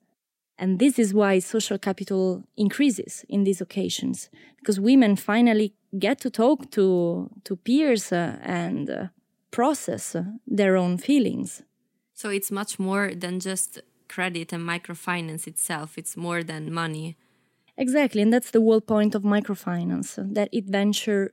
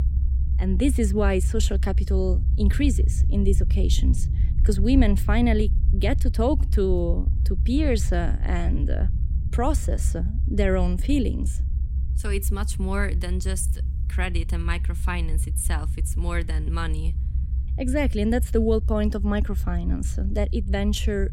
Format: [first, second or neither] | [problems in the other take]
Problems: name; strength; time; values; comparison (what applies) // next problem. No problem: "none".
first | low rumble; noticeable; throughout; 15 dB below the speech